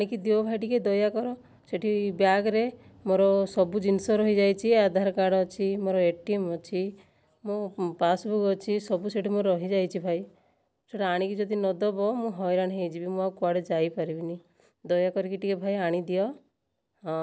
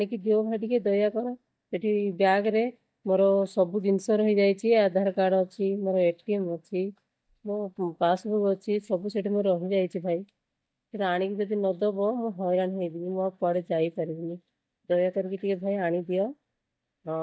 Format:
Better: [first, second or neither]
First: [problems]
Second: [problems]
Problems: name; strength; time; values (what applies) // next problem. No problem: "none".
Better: first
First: none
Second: noise reduction (neural mask model DeepFilterNet 3)